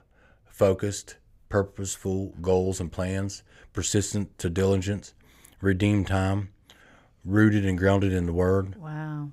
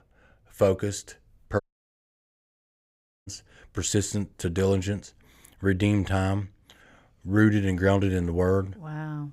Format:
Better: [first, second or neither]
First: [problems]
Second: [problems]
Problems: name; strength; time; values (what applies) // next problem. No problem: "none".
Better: first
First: none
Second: audio cutting out; at 1.5 s for 1.5 s